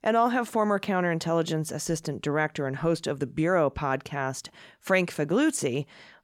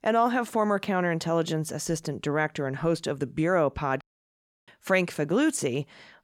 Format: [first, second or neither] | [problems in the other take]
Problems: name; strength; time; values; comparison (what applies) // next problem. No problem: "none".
first | audio cutting out; at 4 s for 0.5 s